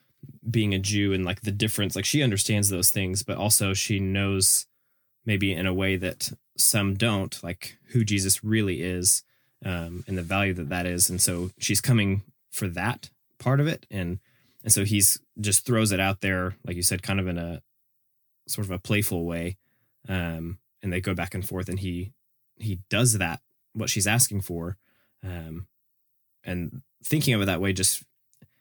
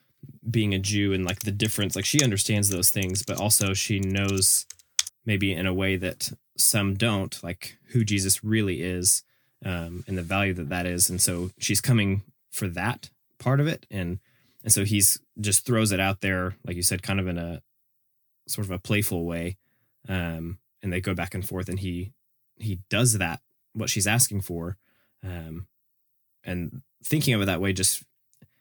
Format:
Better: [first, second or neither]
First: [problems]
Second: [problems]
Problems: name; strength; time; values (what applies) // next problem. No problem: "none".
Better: first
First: none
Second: keyboard typing; noticeable; from 1.5 to 5 s; peak 2 dB below the speech